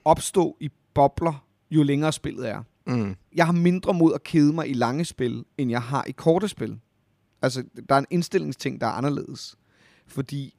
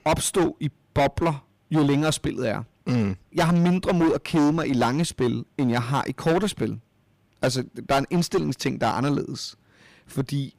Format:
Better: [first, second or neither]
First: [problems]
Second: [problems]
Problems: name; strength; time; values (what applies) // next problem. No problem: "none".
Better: first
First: none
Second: distortion; heavy; 12% of the sound clipped